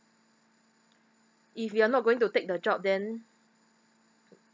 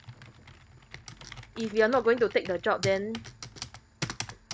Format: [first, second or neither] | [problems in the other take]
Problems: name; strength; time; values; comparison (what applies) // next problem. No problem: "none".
first | background sound (Computer keyboard); 12 dB below the speech